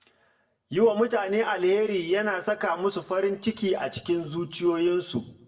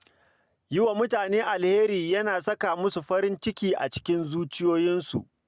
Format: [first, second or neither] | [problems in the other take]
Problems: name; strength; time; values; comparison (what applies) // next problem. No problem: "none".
second | room echo; dies away in 0.6 s